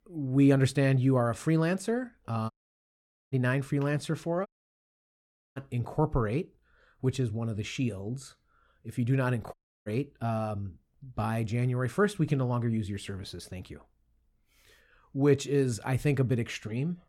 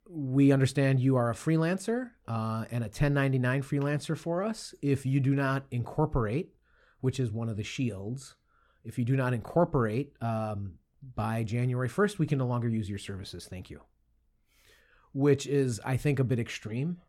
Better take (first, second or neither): second